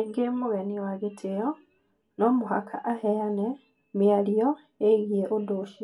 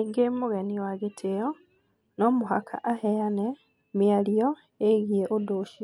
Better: second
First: room echo; dies away in 0.2 s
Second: none

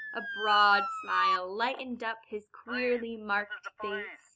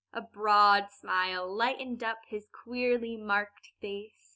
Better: second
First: background sound (Motor vehicle (road) / Siren); 3 dB below the speech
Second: none

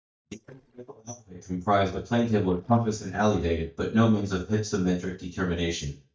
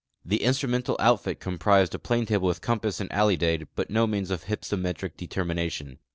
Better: second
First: noise reduction (neural mask model DeepFilterNet 3)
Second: none

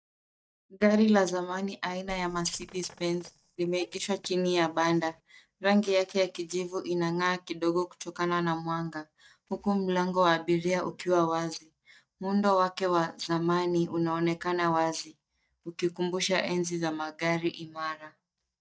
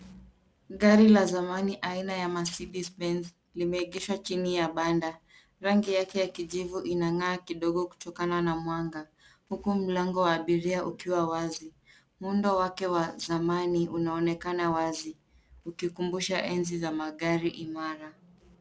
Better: second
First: noise reduction (neural mask model DeepFilterNet 3)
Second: none

